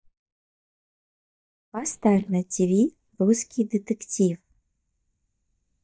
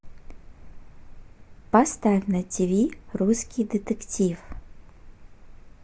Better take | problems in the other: second | noise reduction (neural mask model DeepFilterNet 3)

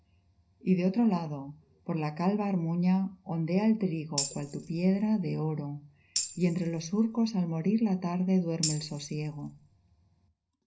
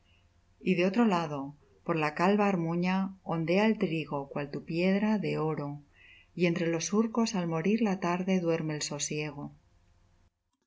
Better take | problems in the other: second | background sound (Tambourine); 9 dB below the speech // room echo; dies away in 0.4 s

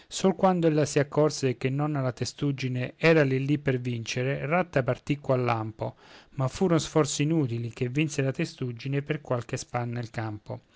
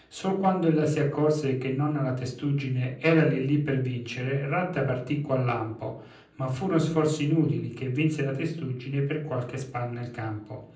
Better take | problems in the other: first | room echo; dies away in 0.6 s

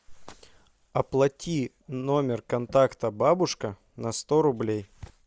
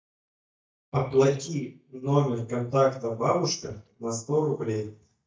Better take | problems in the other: first | noise reduction (neural mask model DeepFilterNet 3)

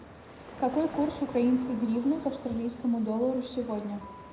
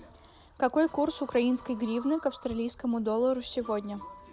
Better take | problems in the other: second | background sound (Ocean); 16 dB below the speech // room echo; dies away in 0.8 s

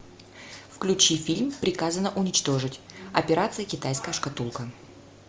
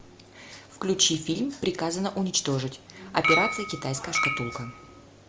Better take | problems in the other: first | background sound (Chink, clink); as loud as the speech

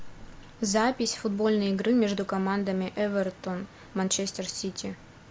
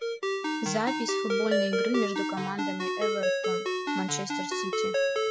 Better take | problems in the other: first | noise reduction (classical method spectral subtraction)

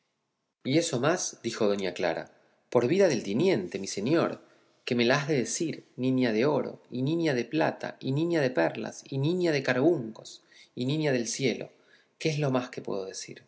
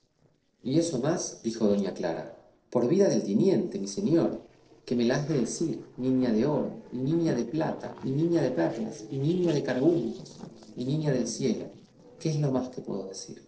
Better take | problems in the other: first | noise reduction (neural separator model SepFormer DNS4)

